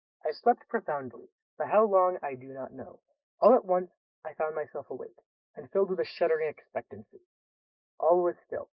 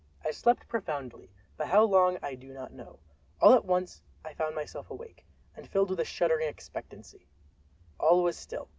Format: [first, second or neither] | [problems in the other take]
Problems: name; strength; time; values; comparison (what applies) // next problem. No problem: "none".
second | noise reduction (neural mask model Resemble Enhance denoiser)